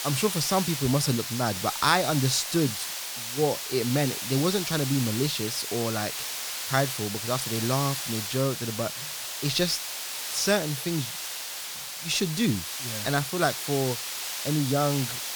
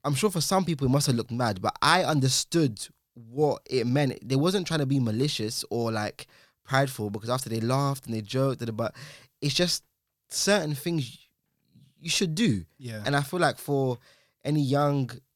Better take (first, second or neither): second